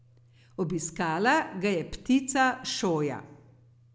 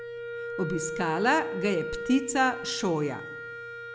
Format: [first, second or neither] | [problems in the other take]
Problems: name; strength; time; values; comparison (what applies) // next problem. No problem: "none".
first | background sound (Wind instrument, woodwind instrument); 7 dB below the speech